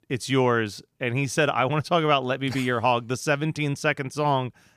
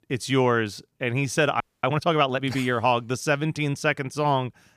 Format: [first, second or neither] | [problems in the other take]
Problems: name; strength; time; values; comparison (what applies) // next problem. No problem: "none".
first | audio freezing; at 1.5 s